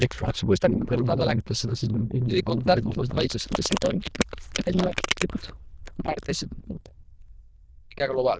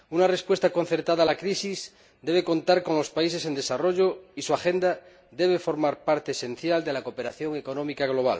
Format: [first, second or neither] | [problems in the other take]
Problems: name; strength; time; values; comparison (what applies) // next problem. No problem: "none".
second | noise reduction (neural diffusion model UNIVERSE++)